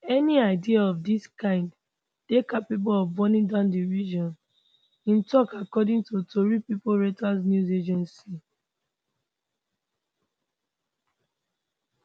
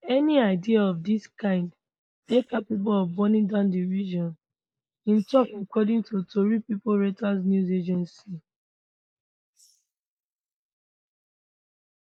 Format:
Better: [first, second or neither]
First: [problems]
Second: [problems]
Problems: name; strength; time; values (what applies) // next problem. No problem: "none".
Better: first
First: none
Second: noise reduction (neural mask model Resemble Enhance denoiser)